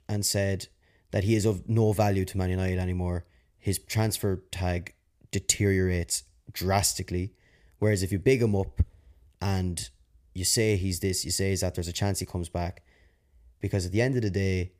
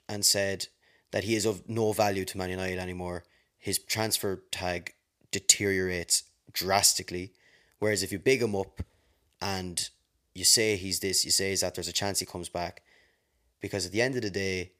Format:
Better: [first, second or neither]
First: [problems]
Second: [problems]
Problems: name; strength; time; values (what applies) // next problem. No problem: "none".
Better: first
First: none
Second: thin; somewhat; fading below 500 Hz